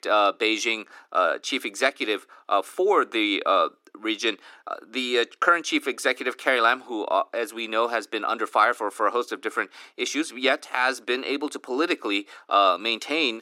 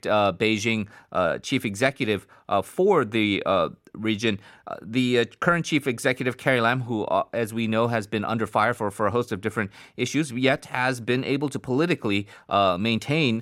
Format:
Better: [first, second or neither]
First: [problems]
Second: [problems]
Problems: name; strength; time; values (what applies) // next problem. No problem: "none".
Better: second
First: thin; somewhat; fading below 300 Hz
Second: none